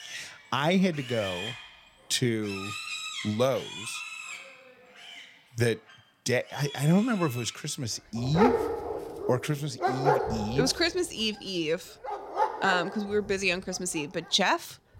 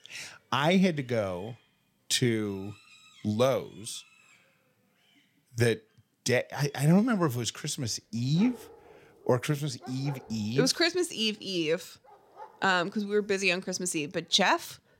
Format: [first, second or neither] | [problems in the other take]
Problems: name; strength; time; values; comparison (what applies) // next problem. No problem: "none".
second | animal sounds; loud; throughout; 5 dB below the speech; faint in the second